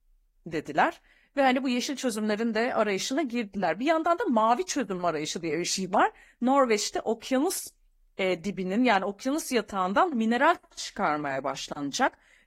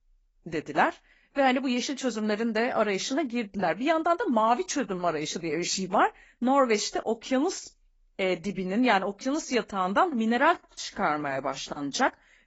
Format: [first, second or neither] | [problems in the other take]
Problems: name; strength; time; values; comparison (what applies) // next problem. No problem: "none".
first | garbled, watery; badly; nothing above 7.5 kHz; slightly in the first